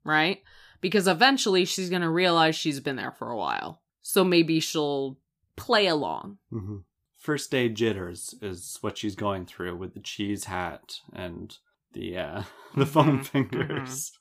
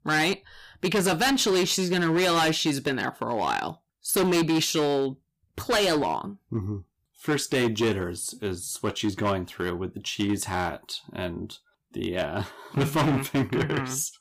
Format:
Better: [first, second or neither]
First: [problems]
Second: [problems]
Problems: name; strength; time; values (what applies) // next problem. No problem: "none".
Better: first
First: none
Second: distortion; heavy; 11% of the sound clipped